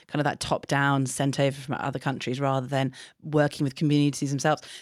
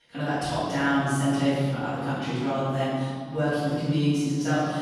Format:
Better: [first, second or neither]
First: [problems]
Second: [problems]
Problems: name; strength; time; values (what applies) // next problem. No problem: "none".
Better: first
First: none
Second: off-mic speech; far // room echo; strong; dies away in 1.8 s